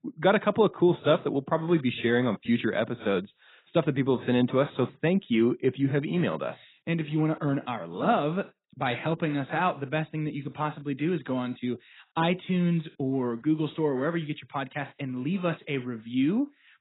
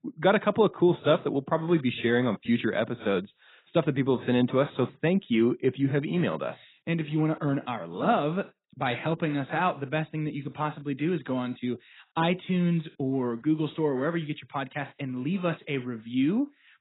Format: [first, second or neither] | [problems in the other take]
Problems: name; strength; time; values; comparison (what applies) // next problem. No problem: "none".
neither | garbled, watery; badly; nothing above 4 kHz; the same in both